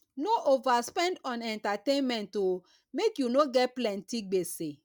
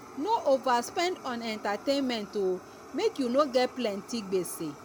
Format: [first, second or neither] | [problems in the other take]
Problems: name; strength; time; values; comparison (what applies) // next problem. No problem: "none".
first | background sound (Fire); 17 dB below the speech